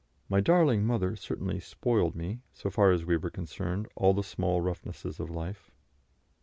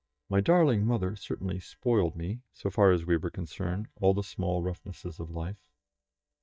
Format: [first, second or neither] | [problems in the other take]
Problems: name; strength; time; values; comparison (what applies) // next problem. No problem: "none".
first | noise reduction (neural mask model DeepFilterNet 3)